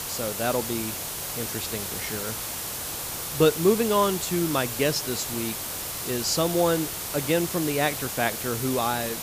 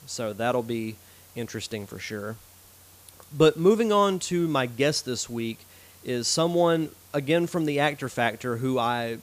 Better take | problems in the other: second | hiss; loud; throughout; 4 dB below the speech; faint in the second

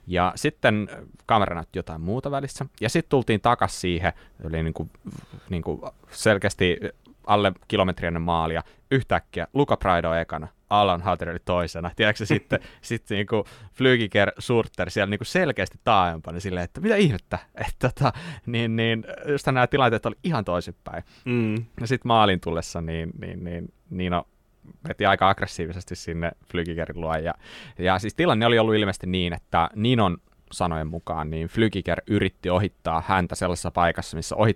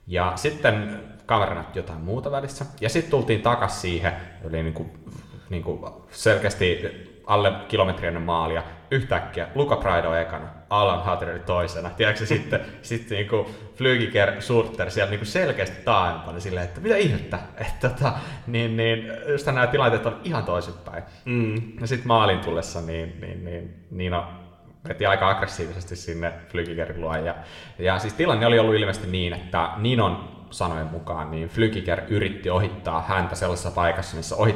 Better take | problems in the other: first | room echo; very slight; dies away in 0.8 s

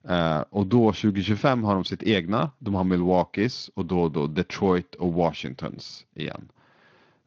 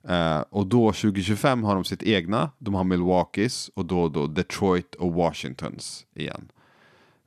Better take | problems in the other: second | garbled, watery; slightly

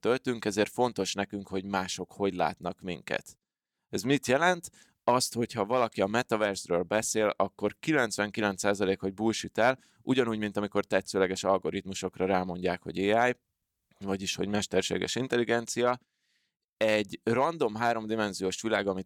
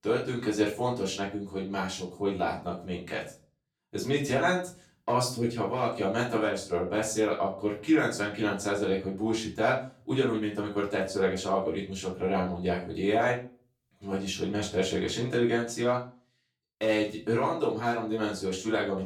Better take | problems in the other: first | room echo; slight; dies away in 0.4 s // off-mic speech; far

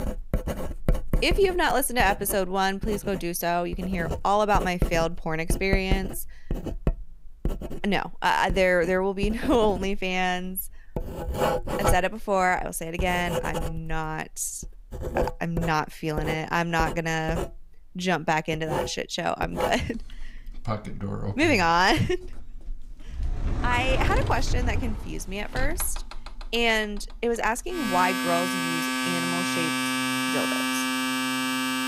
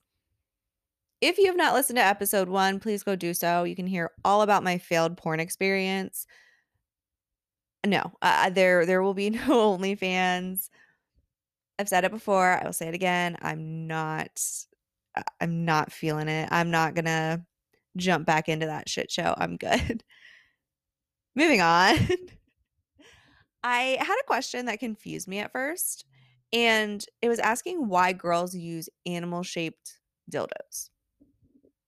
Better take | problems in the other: second | household noises; loud; throughout; 4 dB below the speech

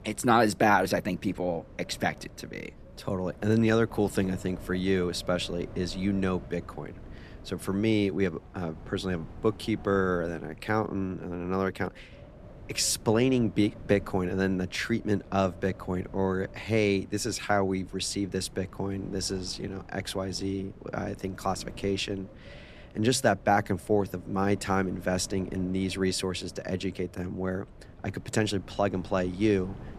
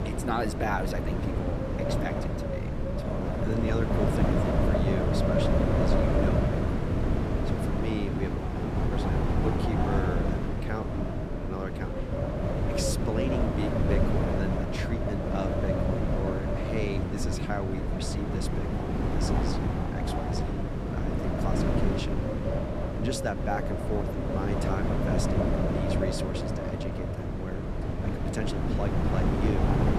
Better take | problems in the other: first | wind noise on the microphone; heavy; 4 dB above the speech; occasional gusts in the first

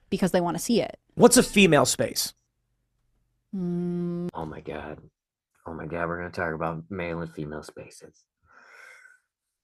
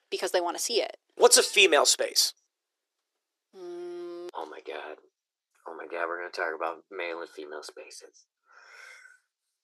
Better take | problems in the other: first | thin; very; fading below 350 Hz

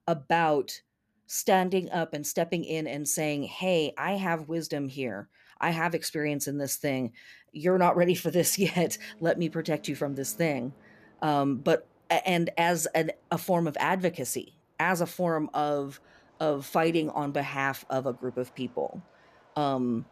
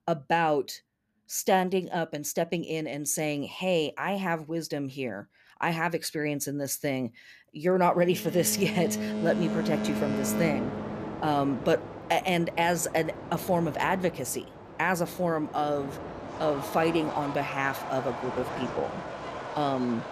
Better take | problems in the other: first | train or aircraft noise; loud; from 8.5 s on; 7 dB below the speech; faint in the first

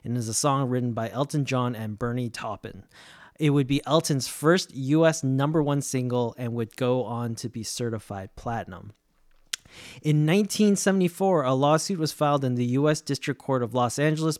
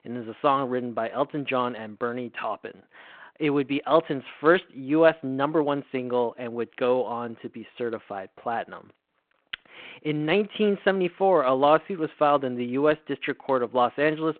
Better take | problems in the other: first | phone-call audio

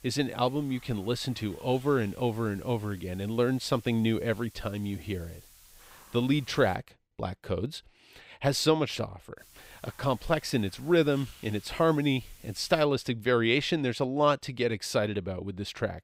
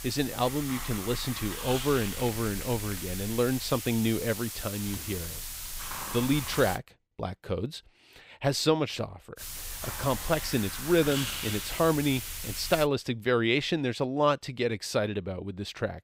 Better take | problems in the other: first | hiss; loud; until 7 s and from 9.5 to 13 s; 6 dB below the speech; faint in the first

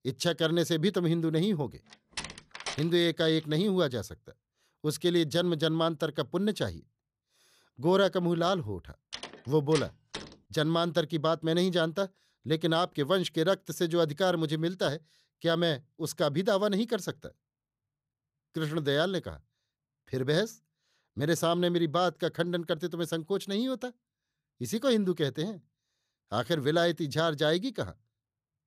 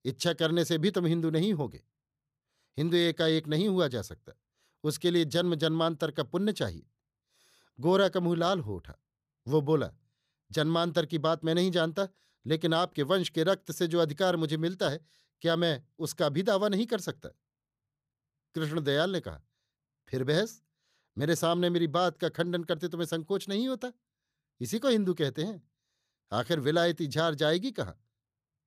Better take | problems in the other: second | door banging; noticeable; from 2 to 10 s; peak 9 dB below the speech

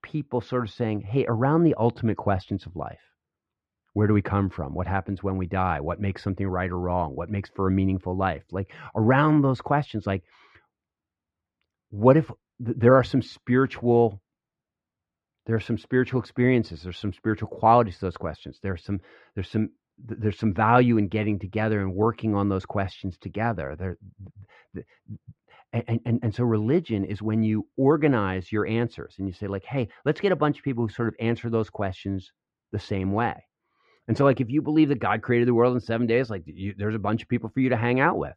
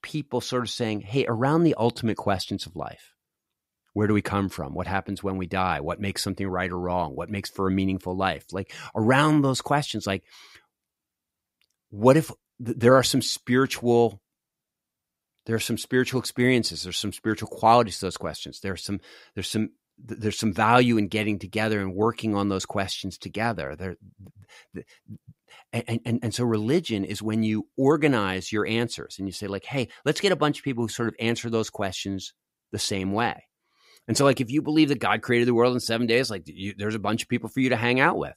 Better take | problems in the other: second | muffled; very; fading above 2 kHz

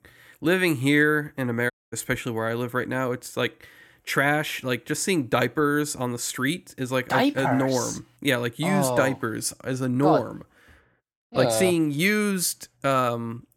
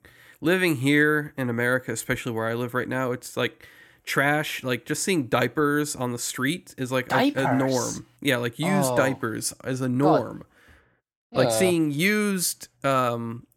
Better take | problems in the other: second | audio cutting out; at 1.5 s

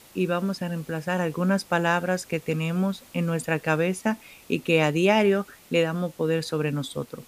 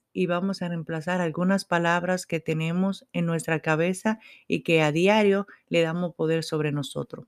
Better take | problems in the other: second | hiss; faint; throughout; 25 dB below the speech

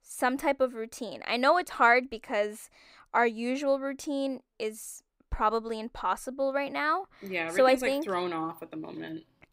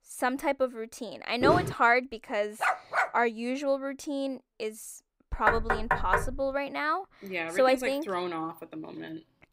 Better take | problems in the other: first | footsteps; loud; at 1.5 s; peak 2 dB above the speech // dog barking; loud; at 2.5 s; peak 2 dB above the speech // door banging; loud; at 5.5 s; peak 2 dB above the speech

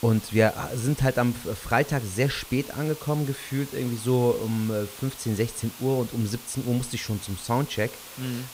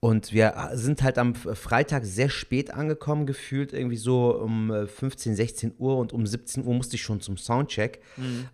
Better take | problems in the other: second | hiss; noticeable; throughout; 15 dB below the speech

